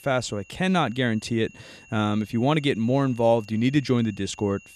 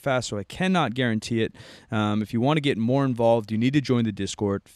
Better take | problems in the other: second | high-pitched whine; faint; throughout; 2.5 kHz, 25 dB below the speech

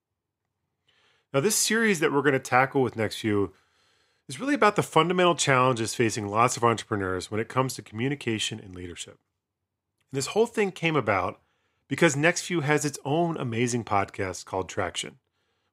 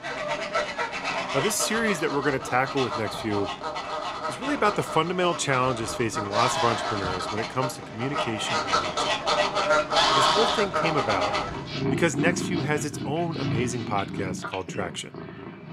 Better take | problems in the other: first | animal sounds; very loud; throughout; as loud as the speech

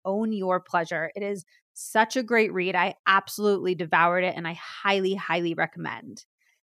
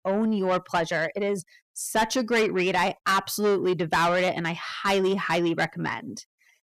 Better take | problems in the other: first | distortion; heavy; 8 dB below the speech

